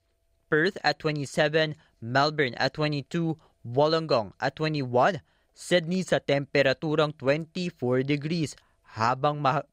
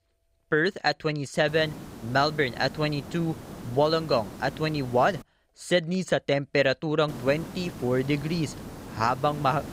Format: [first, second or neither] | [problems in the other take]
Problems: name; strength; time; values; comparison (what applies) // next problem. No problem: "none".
first | hiss; noticeable; from 1.5 to 5 s and from 7 s on; 15 dB below the speech